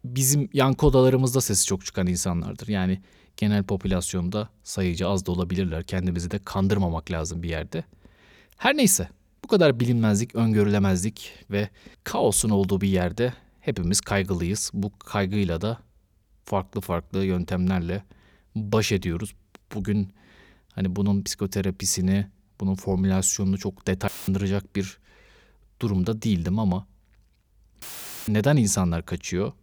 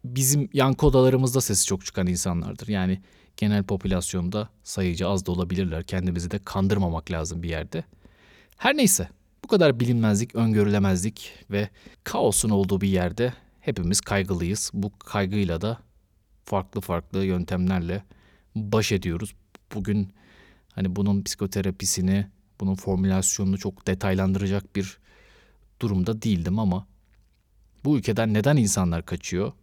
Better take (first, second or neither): second